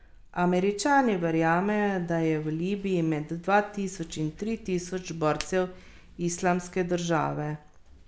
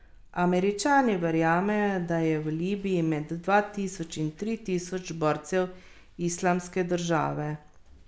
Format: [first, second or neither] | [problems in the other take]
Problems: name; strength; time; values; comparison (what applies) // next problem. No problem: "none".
second | background sound (Hands); 19 dB below the speech